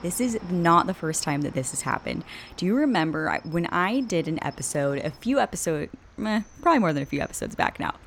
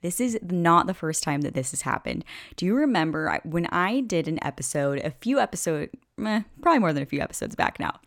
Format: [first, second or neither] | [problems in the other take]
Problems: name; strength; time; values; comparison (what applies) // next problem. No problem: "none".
second | animal sounds; faint; throughout; 25 dB below the speech